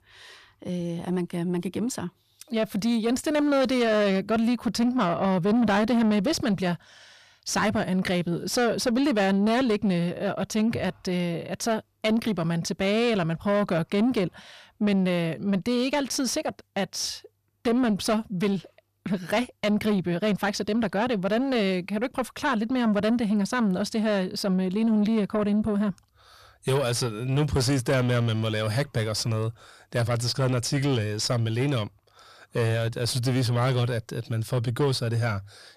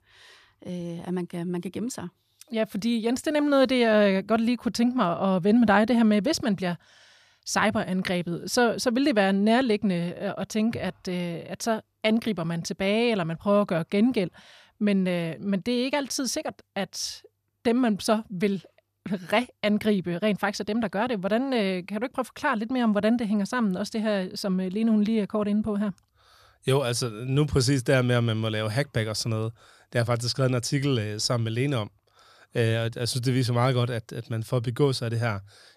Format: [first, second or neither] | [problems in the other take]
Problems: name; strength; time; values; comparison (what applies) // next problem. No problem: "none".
second | distortion; slight; 10 dB below the speech